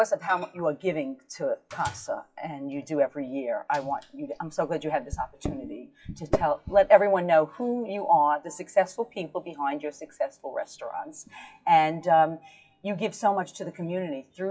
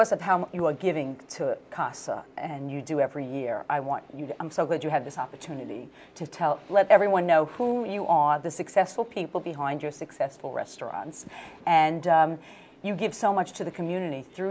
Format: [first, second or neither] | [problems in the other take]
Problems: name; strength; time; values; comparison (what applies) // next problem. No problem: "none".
second | noise reduction (classical method WPE with log-MMSE)